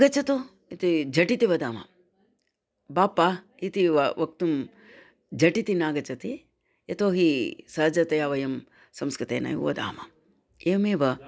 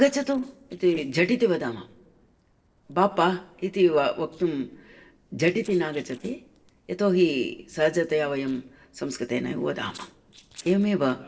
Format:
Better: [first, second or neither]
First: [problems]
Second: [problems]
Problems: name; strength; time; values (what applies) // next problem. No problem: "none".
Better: first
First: none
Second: noise reduction (neural separator model SepFormer DNS4)